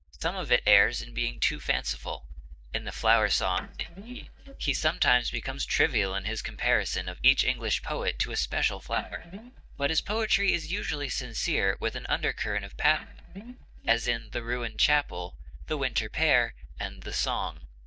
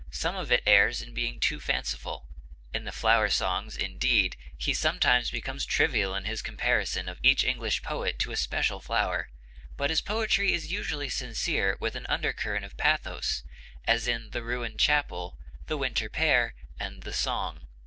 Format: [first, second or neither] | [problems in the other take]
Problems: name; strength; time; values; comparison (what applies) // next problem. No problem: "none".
second | noise reduction (neural mask model DeepFilterNet 3)